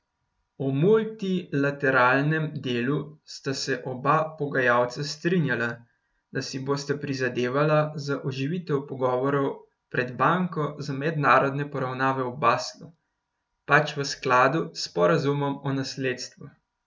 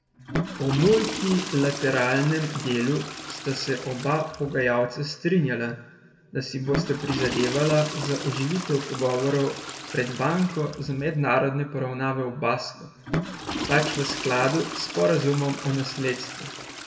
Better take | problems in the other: first | background sound (Toilet flush / Water); 9 dB below the speech // room echo; dies away in 1 s

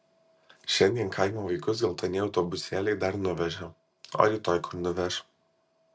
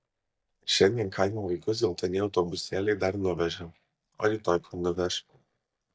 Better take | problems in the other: first | noise reduction (neural mask model DeepFilterNet 3)

